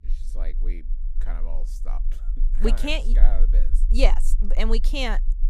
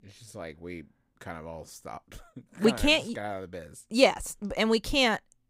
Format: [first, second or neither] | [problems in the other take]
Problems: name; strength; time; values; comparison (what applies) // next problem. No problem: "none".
second | low rumble; faint; throughout; 25 dB below the speech